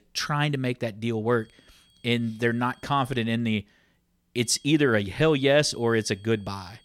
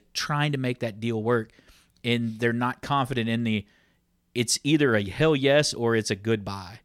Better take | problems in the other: second | high-pitched whine; faint; from 1.5 to 3 s and from 4.5 s on; 3.5 kHz, 30 dB below the speech

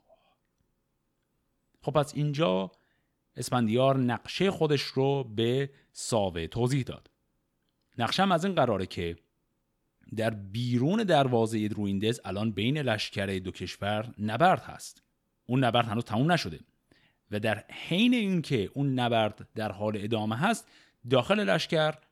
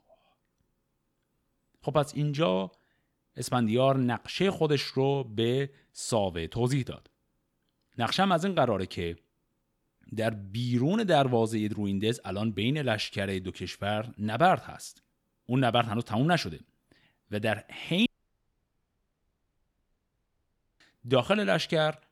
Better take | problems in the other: first | audio cutting out; at 18 s for 2.5 s

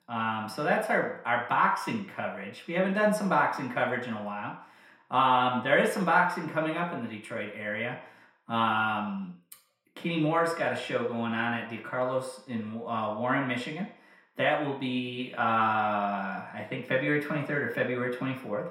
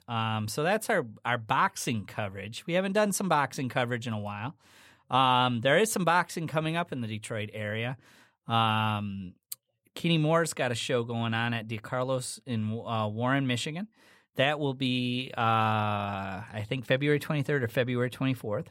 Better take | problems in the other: second | room echo; slight; dies away in 0.6 s // off-mic speech; far

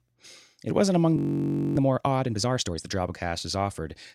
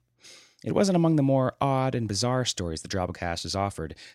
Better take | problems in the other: second | audio freezing; at 1 s for 0.5 s

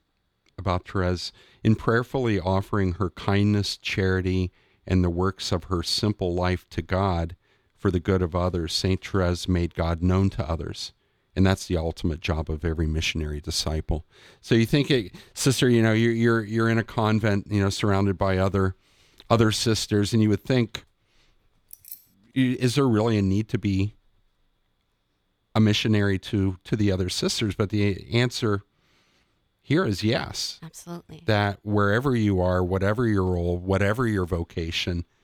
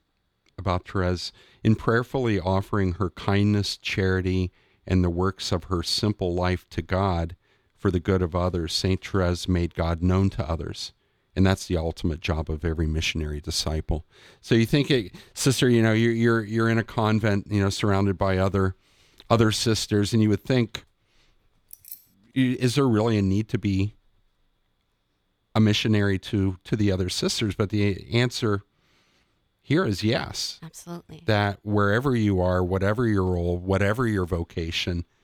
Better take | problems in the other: neither | jangling keys; faint; at 22 s; peak 15 dB below the speech; the same in both

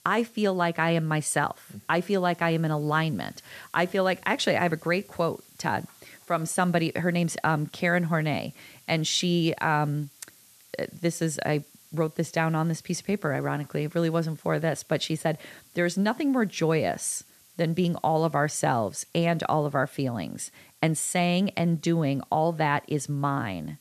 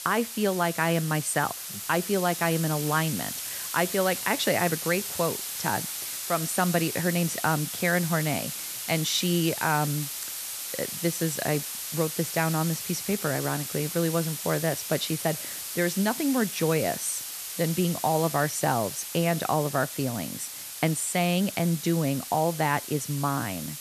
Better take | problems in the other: first | hiss; loud; throughout; 5 dB below the speech; faint in the first

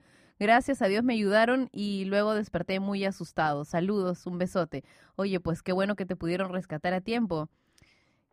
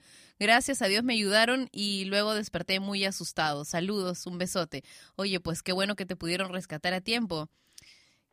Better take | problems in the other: second | muffled; slightly; fading above 2.5 kHz

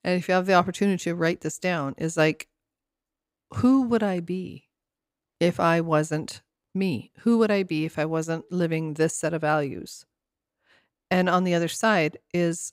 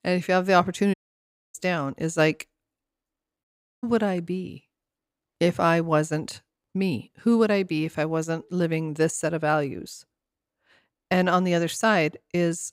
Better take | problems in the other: first | audio cutting out; at 1 s for 0.5 s and at 3.5 s

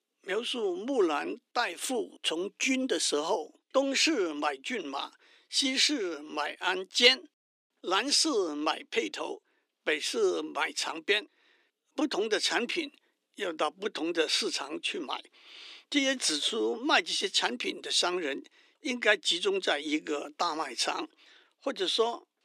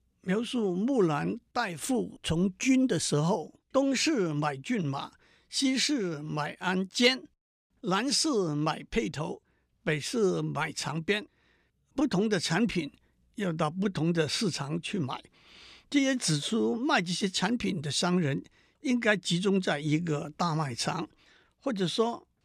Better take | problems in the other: second | thin; somewhat; fading below 300 Hz

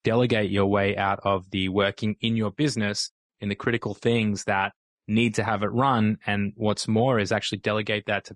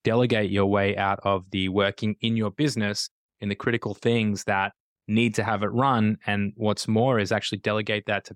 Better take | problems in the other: second | garbled, watery; slightly; nothing above 10 kHz

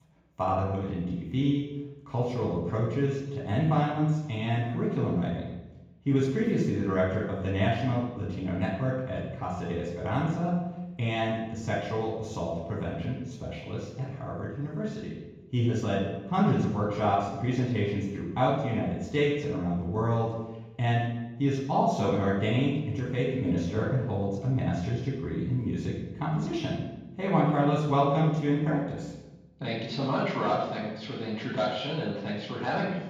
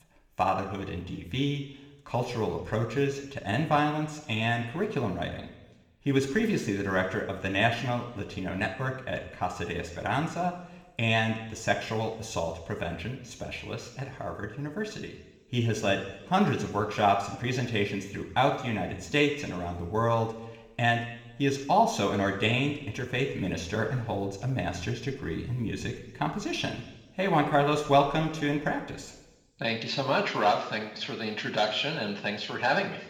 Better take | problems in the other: second | room echo; strong; dies away in 1.3 s; slight in the second // off-mic speech; far

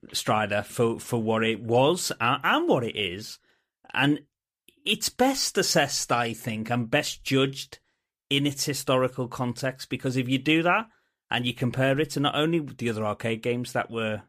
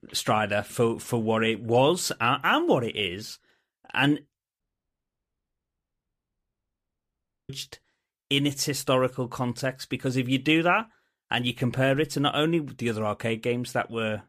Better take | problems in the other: first | audio cutting out; at 4.5 s for 3 s

